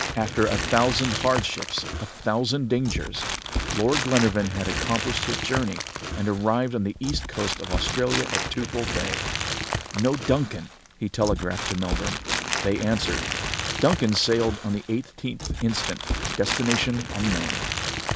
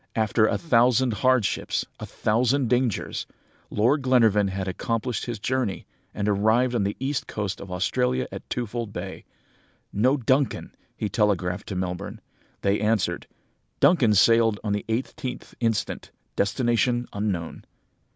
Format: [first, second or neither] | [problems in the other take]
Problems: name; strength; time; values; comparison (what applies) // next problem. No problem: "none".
second | background sound (Crumpling, crinkling); 3 dB below the speech